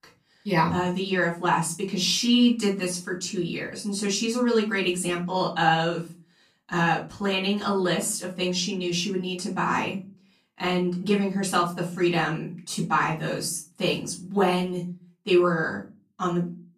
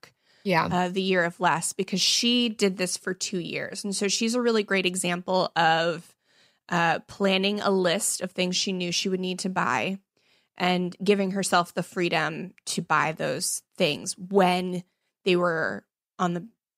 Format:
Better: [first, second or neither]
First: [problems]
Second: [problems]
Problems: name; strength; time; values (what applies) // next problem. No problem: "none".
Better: second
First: off-mic speech; far // room echo; slight; dies away in 0.3 s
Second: none